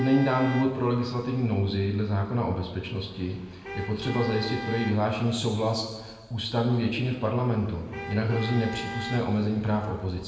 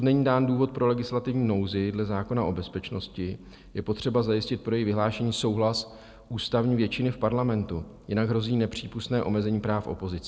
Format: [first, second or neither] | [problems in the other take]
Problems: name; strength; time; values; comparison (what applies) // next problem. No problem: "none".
second | background sound (Traffic noise, roadway noise / Vehicle horn, car horn, honking); 14 dB below the speech // room echo; dies away in 1.2 s